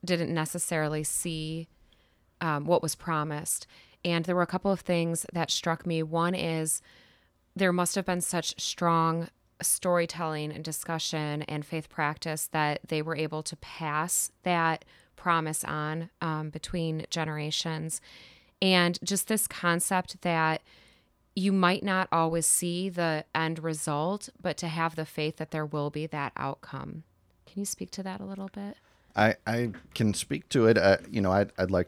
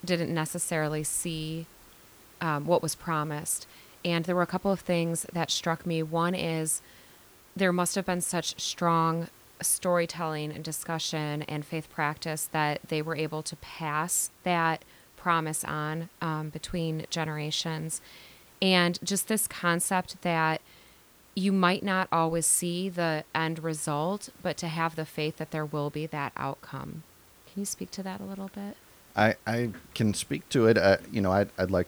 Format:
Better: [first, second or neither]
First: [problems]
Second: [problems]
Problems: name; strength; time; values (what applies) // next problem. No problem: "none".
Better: first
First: none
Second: hiss; faint; throughout; 25 dB below the speech